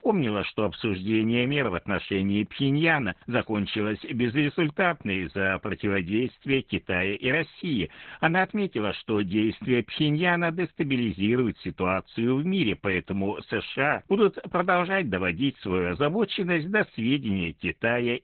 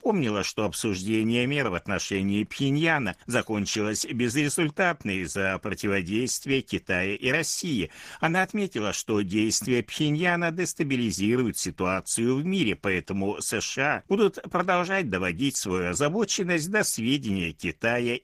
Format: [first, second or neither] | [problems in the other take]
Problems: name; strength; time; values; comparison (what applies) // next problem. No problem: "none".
second | garbled, watery; badly; slightly in the second